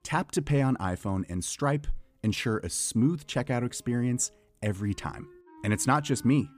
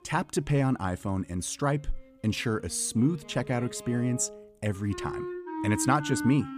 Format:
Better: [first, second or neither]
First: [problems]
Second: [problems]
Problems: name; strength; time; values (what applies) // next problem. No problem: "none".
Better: first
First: background music; faint; throughout; 25 dB below the speech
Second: background music; loud; throughout; 9 dB below the speech